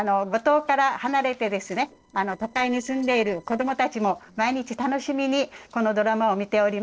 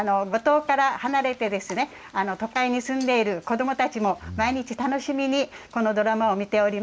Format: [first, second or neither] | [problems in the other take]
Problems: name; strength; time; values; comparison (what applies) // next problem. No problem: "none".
second | noise reduction (neural separator model SepFormer DNS4)